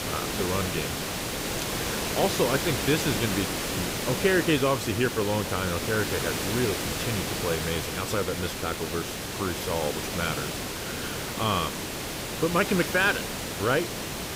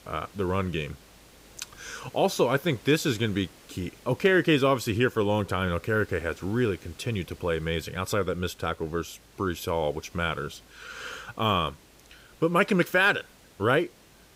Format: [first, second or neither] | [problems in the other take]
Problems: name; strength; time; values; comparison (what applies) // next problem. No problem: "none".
second | hiss; loud; throughout; 2 dB below the speech; faint in the second